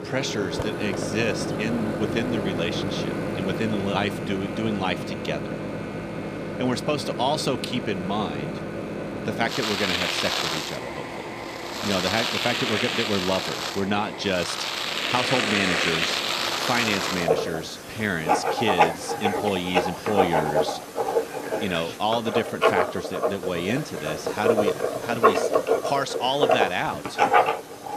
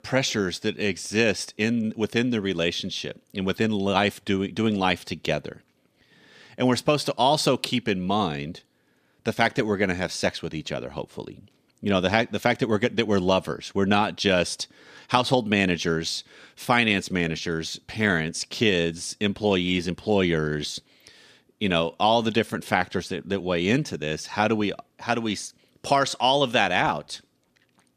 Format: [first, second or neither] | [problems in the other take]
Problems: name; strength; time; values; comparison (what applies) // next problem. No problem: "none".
second | household noises; very loud; throughout; 2 dB above the speech